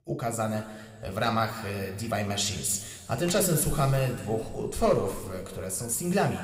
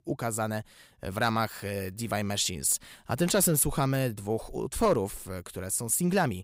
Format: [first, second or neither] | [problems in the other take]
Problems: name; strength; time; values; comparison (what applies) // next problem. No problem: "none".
second | room echo; slight; dies away in 1.9 s